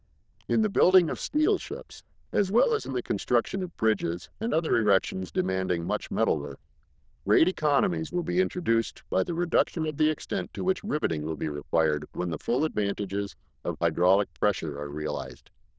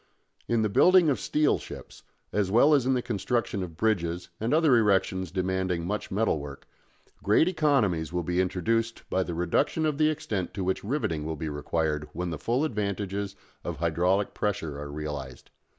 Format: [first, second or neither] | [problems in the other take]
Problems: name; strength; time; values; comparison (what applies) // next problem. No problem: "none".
second | noise reduction (neural diffusion model UNIVERSE++)